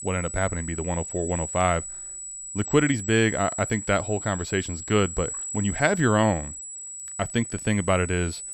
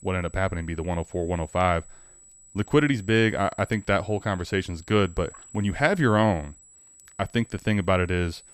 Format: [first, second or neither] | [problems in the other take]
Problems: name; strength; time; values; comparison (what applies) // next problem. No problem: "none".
second | high-pitched whine; loud; throughout; 8 kHz, 8 dB below the speech; faint in the second